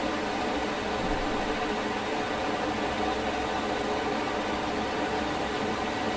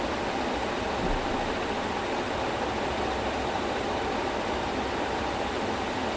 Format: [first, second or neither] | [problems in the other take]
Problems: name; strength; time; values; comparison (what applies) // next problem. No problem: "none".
second | background sound (Purr); 16 dB below the speech // room echo; dies away in 0.7 s